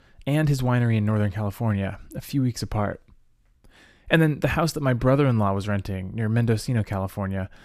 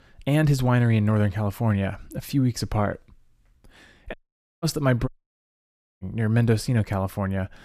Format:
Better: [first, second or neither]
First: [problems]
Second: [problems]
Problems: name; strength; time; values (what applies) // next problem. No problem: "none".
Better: first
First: none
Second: audio cutting out; at 4 s and at 5 s for 1 s